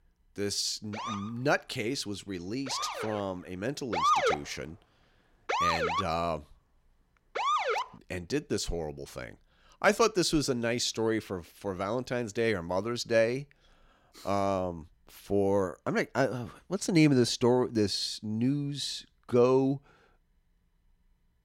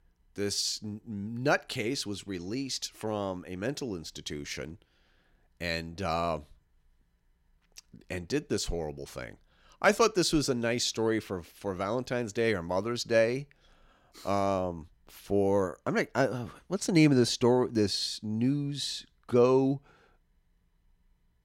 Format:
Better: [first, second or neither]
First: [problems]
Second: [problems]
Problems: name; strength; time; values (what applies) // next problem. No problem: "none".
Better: second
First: siren; loud; from 1 to 8 s; peak 5 dB above the speech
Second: none